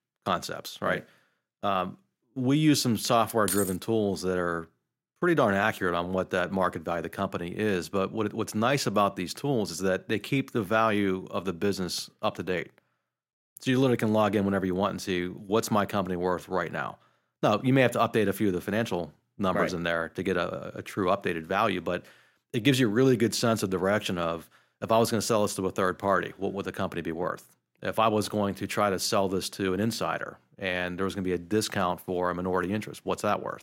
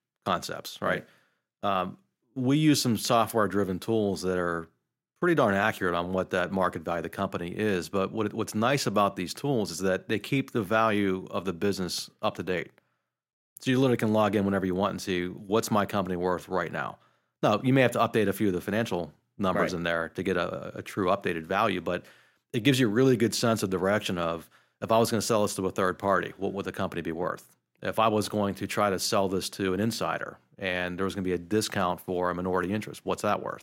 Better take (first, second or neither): second